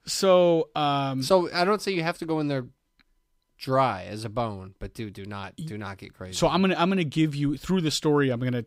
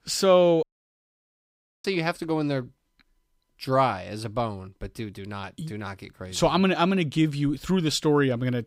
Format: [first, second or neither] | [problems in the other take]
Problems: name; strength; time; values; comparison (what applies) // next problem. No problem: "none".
first | audio cutting out; at 0.5 s for 1 s